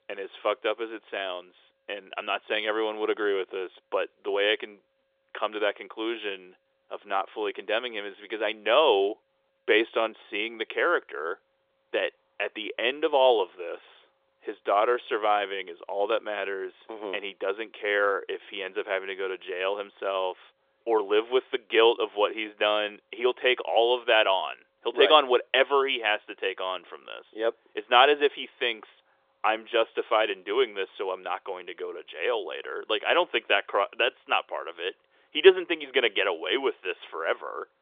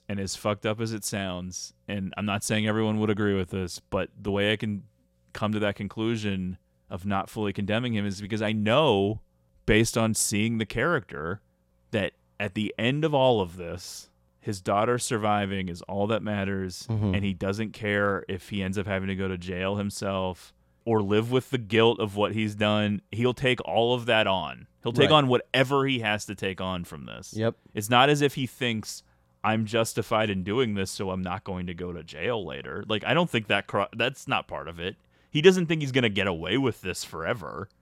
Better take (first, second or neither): second